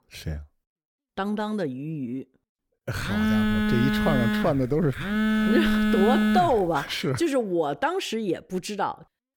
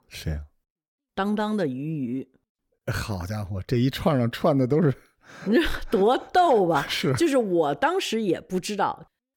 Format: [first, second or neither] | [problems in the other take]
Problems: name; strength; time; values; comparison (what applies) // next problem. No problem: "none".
second | phone ringing; loud; from 3 to 6.5 s; peak 5 dB above the speech